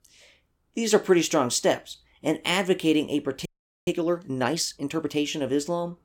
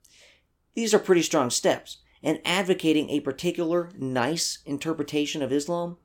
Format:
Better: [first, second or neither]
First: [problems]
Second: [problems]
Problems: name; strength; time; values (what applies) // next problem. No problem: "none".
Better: second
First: audio freezing; at 3.5 s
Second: none